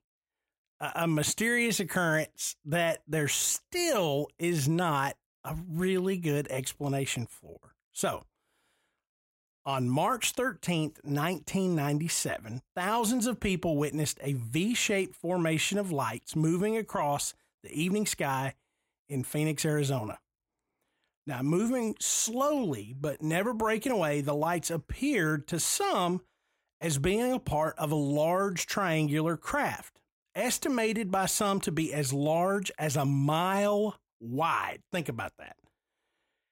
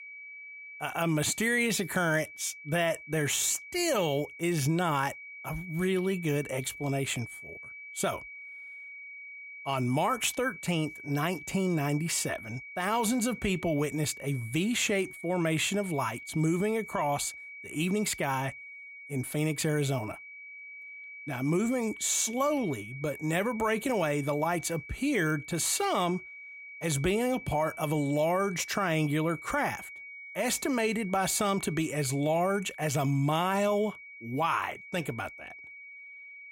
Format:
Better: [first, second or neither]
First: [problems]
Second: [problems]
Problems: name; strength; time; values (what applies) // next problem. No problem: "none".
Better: first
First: none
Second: high-pitched whine; noticeable; throughout; 2.5 kHz, 15 dB below the speech